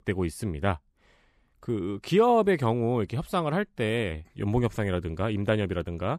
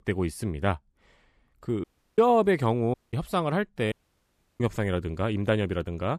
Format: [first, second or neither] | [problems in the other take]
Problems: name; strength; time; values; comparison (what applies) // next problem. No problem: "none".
first | audio cutting out; at 2 s, at 3 s and at 4 s for 0.5 s